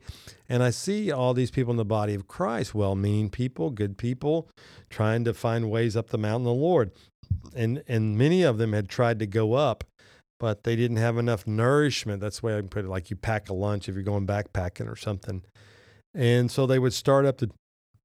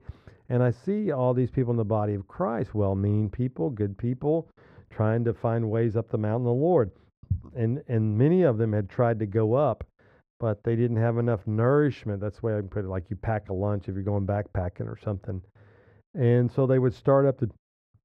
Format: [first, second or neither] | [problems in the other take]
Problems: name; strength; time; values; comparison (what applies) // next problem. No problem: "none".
first | muffled; very; fading above 3 kHz